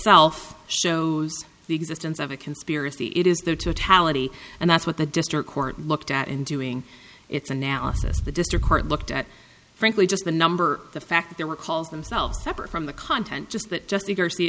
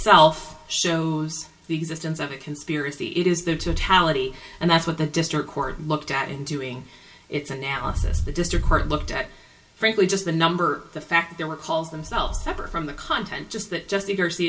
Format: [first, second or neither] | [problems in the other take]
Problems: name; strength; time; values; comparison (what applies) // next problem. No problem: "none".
first | room echo; dies away in 0.2 s